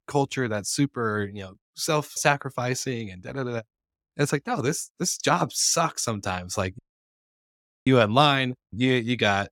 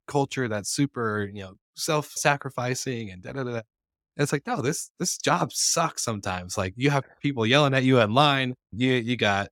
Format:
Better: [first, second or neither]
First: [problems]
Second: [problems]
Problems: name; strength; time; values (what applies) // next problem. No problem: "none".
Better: second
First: audio cutting out; at 7 s for 1 s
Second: none